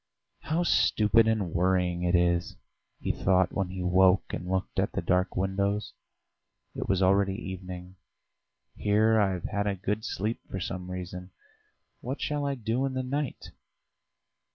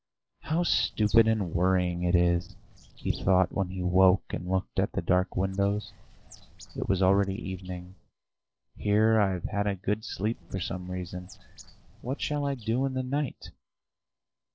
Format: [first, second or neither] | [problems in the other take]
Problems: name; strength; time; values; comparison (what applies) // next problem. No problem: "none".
first | noise reduction (neural separator model SepFormer DNS4)